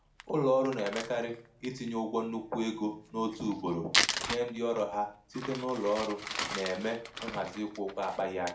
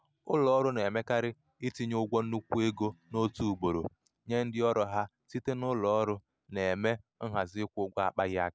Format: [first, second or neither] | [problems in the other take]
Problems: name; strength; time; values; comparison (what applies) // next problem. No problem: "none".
second | background sound (Crumpling, crinkling); 6 dB below the speech // room echo; dies away in 0.4 s